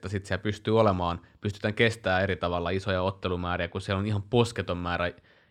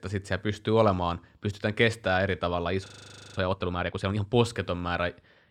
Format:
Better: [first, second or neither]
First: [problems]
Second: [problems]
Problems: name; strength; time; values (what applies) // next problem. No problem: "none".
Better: first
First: none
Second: audio freezing; at 3 s for 0.5 s